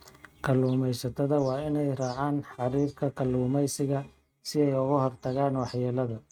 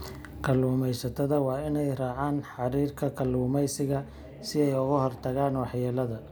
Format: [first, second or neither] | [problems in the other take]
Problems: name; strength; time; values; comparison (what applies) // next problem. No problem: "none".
second | noise reduction (neural mask model RNNoise)